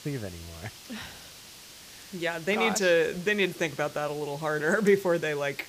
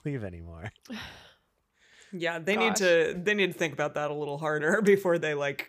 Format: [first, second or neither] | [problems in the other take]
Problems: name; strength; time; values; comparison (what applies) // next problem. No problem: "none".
second | hiss; noticeable; throughout; 20 dB below the speech